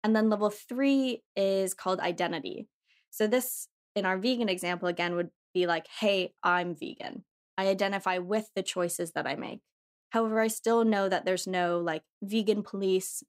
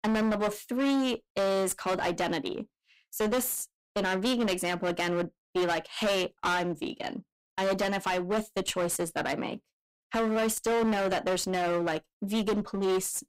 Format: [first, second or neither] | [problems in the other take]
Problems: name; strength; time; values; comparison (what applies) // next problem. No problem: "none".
first | distortion; heavy; 20% of the sound clipped